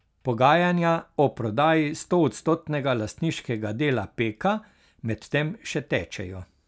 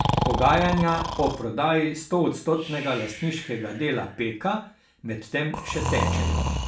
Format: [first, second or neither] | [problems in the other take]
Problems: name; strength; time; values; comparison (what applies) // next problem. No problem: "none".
first | background sound (Breathing); 4 dB below the speech // room echo; dies away in 0.4 s